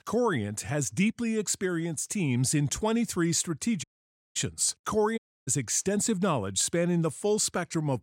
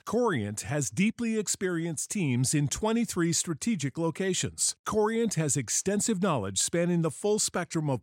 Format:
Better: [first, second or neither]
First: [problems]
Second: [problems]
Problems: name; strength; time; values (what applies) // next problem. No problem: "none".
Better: second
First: audio cutting out; at 4 s for 0.5 s and at 5 s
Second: none